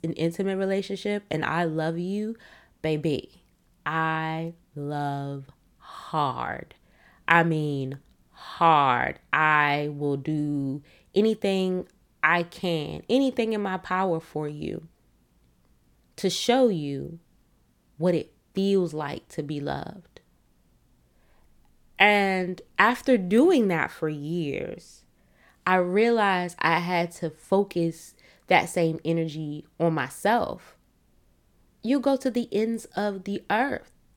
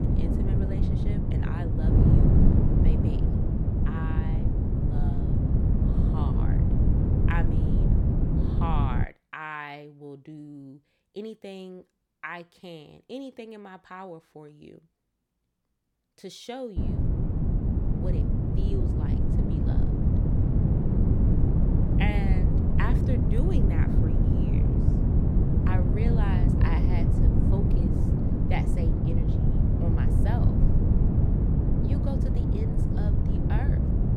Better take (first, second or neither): first